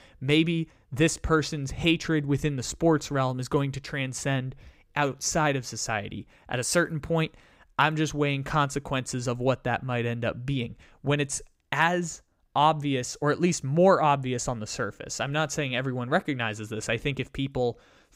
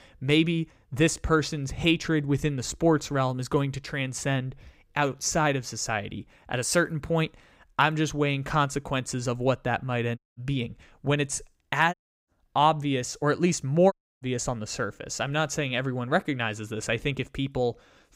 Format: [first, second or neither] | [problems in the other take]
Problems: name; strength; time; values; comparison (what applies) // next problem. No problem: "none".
first | audio cutting out; at 10 s, at 12 s and at 14 s